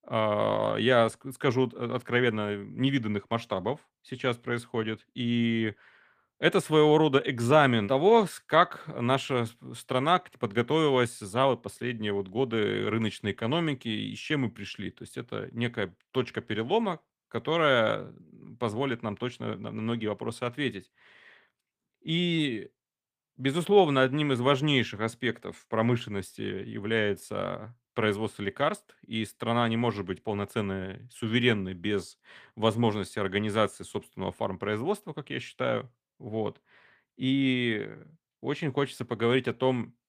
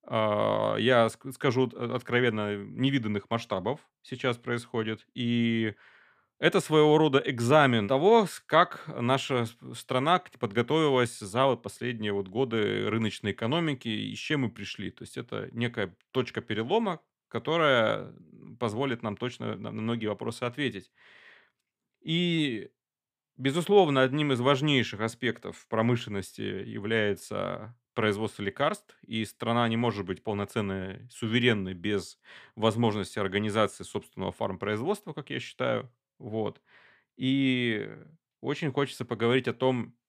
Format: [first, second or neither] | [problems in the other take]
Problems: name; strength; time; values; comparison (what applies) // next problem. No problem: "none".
second | garbled, watery; slightly; nothing above 15 kHz